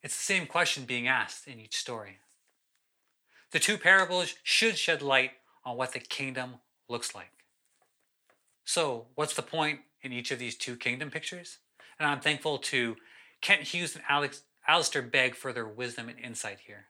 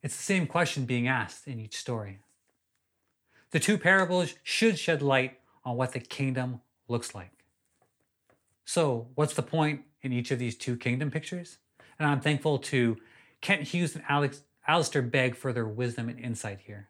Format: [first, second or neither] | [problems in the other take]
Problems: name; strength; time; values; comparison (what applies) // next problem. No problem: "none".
second | thin; somewhat; fading below 850 Hz